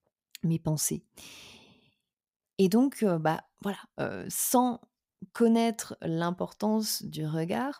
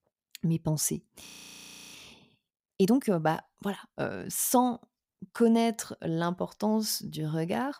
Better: first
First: none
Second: audio freezing; at 1.5 s for 0.5 s

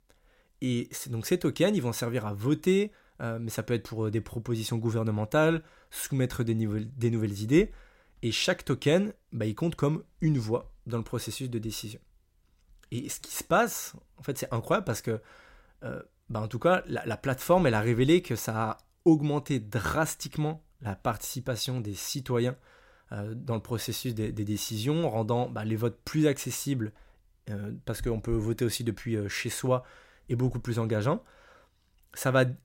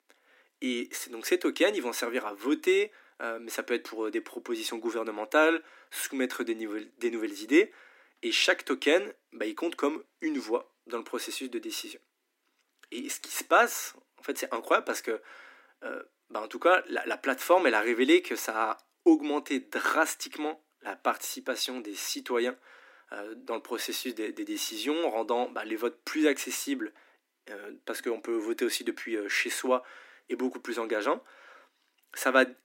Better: first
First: none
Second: thin; somewhat; fading below 250 Hz

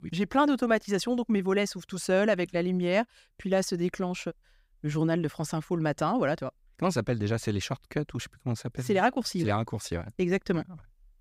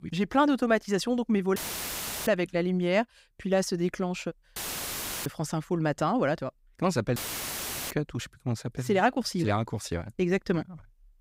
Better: first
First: none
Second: audio cutting out; filled with static; at 1.5 s for 0.5 s, at 4.5 s for 0.5 s and at 7 s for 1 s

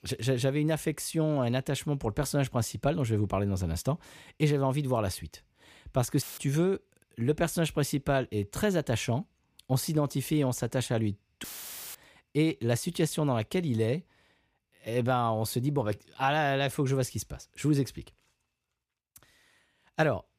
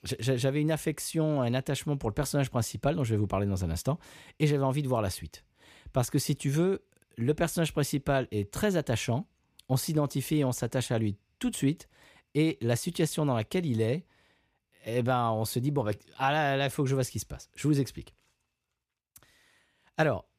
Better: second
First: audio cutting out; filled with static; at 6 s and at 11 s for 0.5 s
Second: none

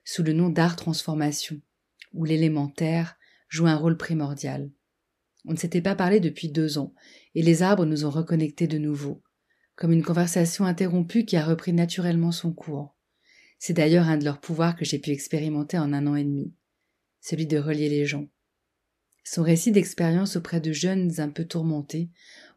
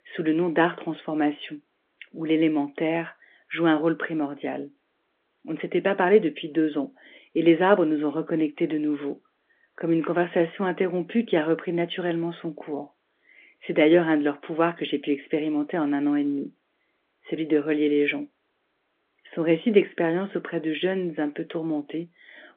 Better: first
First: none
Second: phone-call audio; nothing above 3.5 kHz

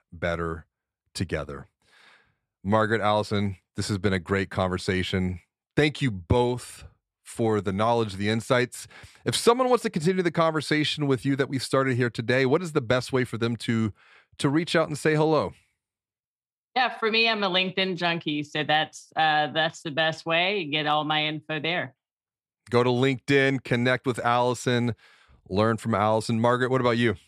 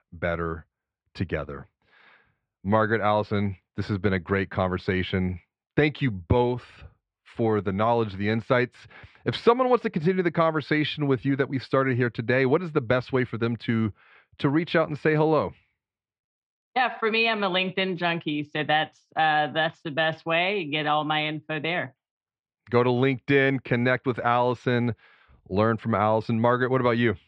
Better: first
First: none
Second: muffled; slightly; fading above 3 kHz

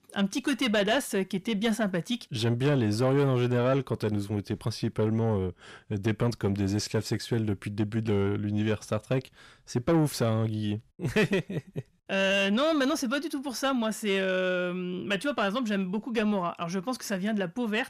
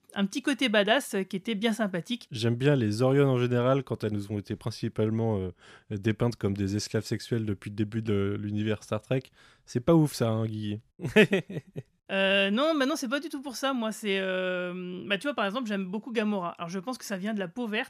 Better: second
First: distortion; slight; 10 dB below the speech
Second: none

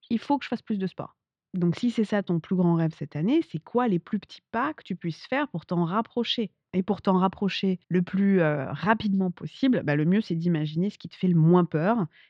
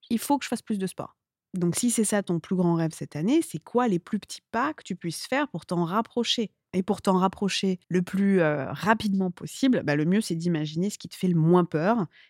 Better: second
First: muffled; slightly; fading above 4 kHz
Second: none

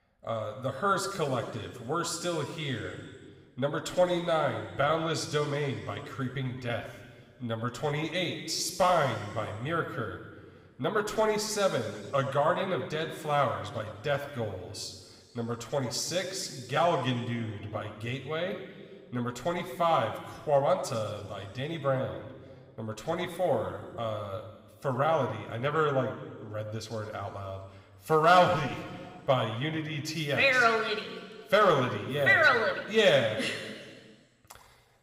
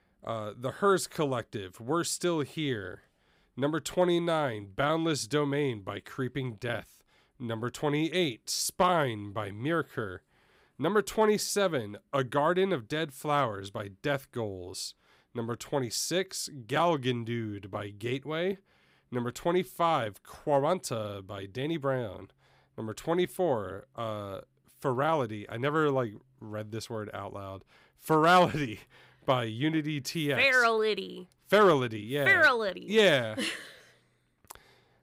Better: second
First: room echo; slight; dies away in 1.8 s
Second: none

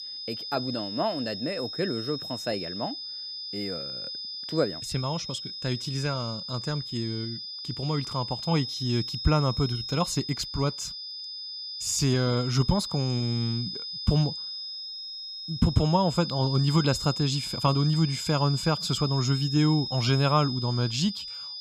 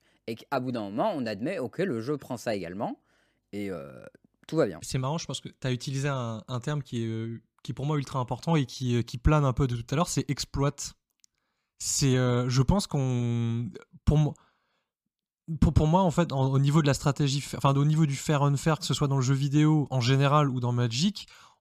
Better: second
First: high-pitched whine; loud; throughout; 5 kHz, 6 dB below the speech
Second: none

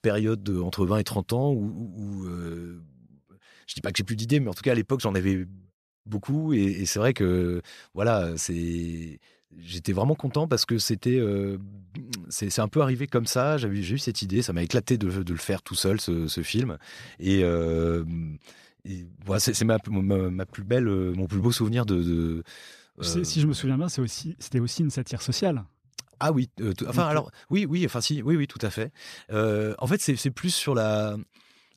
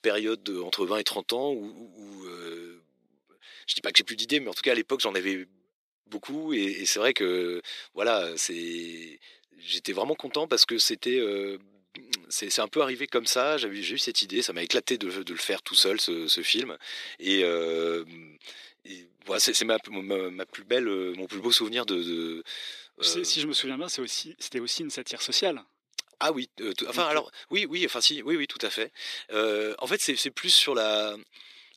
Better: first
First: none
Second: thin; somewhat; fading below 350 Hz

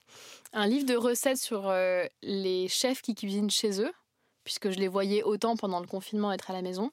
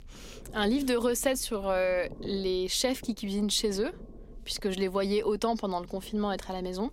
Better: first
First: none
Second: low rumble; faint; throughout; 25 dB below the speech

